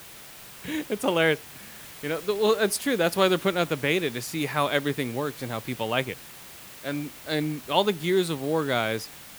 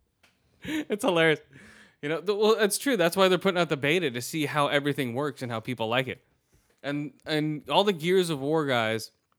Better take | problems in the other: second | hiss; noticeable; throughout; 15 dB below the speech

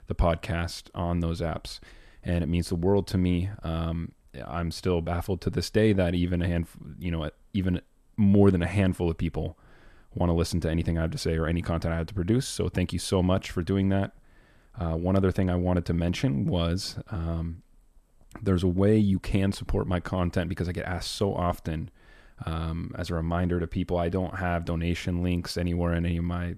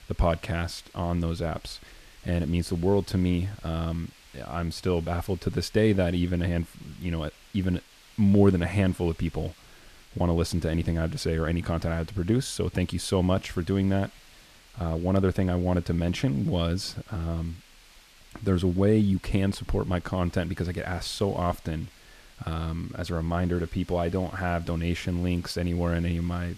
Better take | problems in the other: first | hiss; faint; throughout; 25 dB below the speech

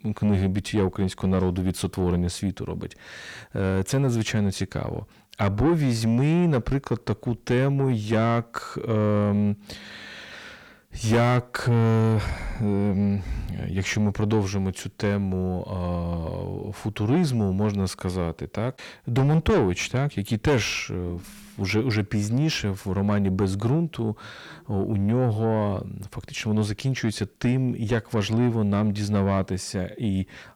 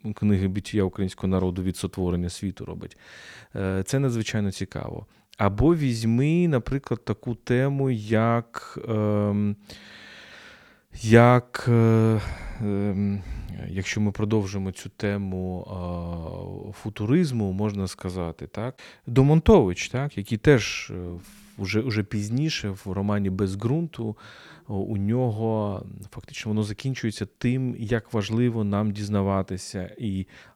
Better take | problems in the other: second | distortion; heavy; 8 dB below the speech

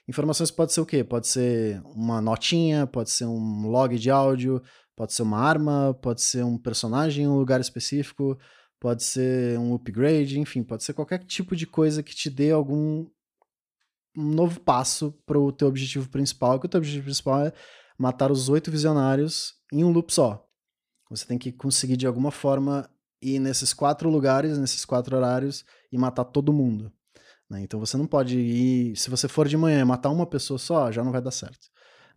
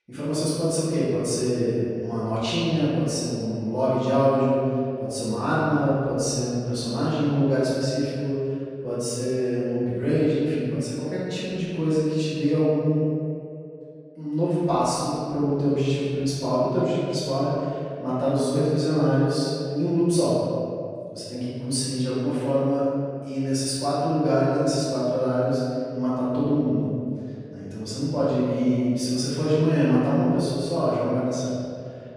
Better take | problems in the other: first | room echo; strong; dies away in 2.2 s // off-mic speech; far

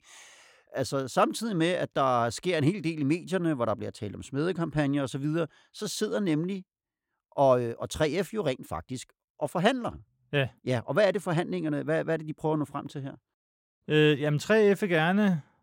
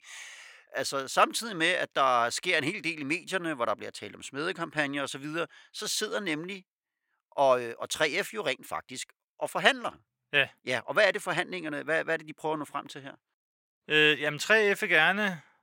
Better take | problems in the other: first | thin; somewhat; fading below 1 kHz

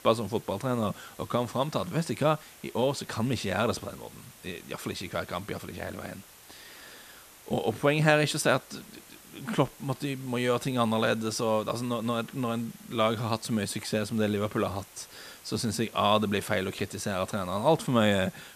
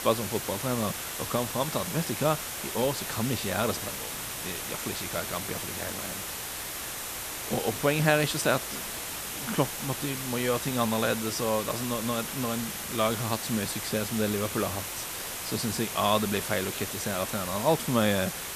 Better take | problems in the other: first | hiss; loud; throughout; 4 dB below the speech; faint in the first

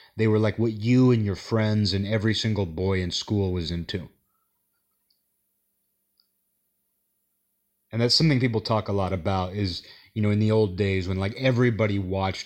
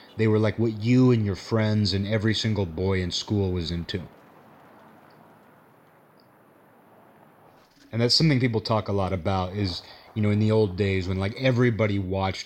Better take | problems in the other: first | traffic noise; faint; throughout; 30 dB below the speech

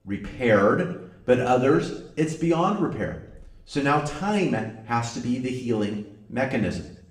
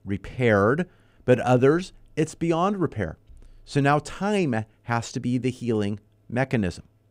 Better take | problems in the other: second | room echo; slight; dies away in 0.7 s // off-mic speech; somewhat distant

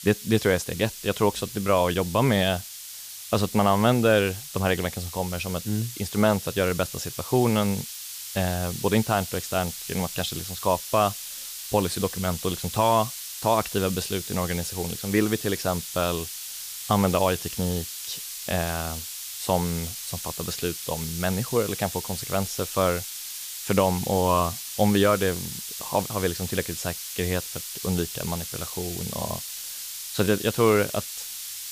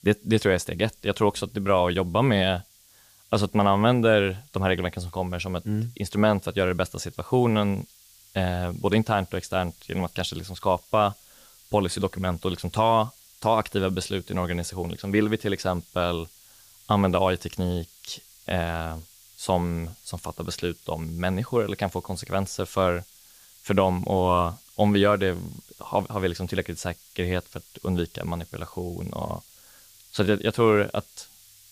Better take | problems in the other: second | hiss; loud; throughout; 7 dB below the speech; faint in the second

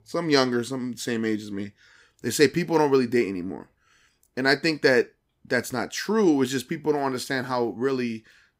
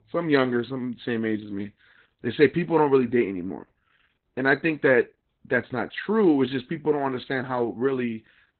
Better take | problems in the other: first | garbled, watery; badly; nothing above 4 kHz

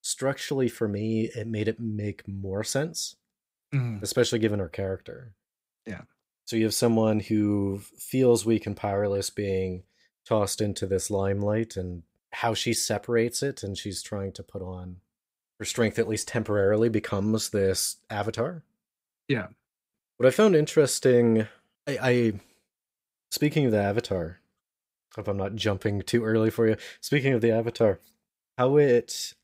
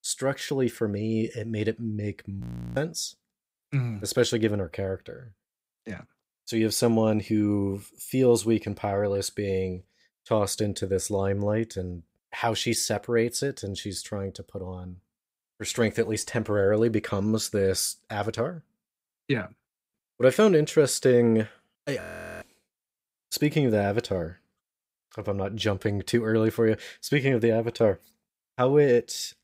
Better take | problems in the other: first | audio freezing; at 2.5 s and at 22 s

